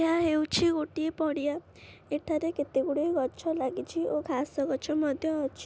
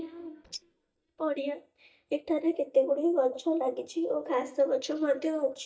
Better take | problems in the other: first | noise reduction (neural mask model DeepFilterNet 3)

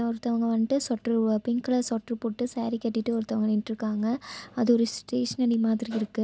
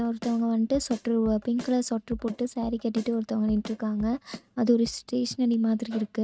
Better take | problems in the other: first | noise reduction (neural mask model RNNoise)

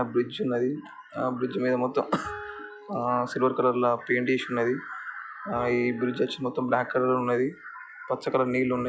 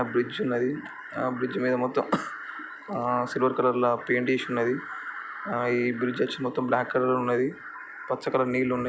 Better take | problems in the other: second | noise reduction (classical method log-MMSE)

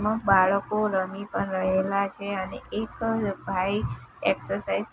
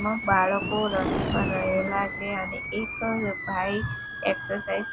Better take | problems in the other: first | background sound (Animal + Thunder); 4 dB below the speech

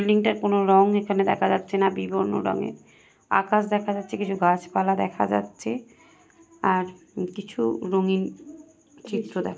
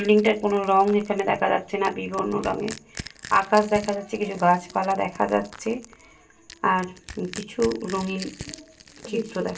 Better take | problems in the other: first | background sound (Crushing); 18 dB below the speech // room echo; dies away in 0.1 s

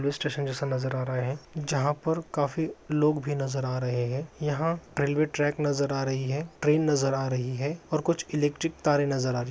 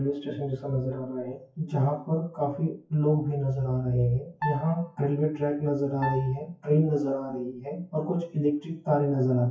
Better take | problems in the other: first | noise reduction (classical method WPE with log-MMSE)

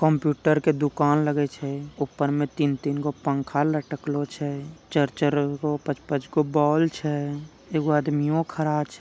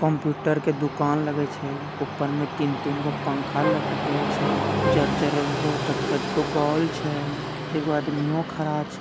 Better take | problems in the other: first | background sound (Train + Wind instrument, woodwind instrument); 2 dB below the speech

